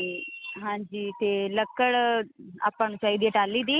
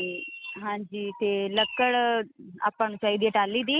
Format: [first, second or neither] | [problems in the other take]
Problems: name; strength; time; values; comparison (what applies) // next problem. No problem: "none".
first | noise reduction (neural mask model RNNoise)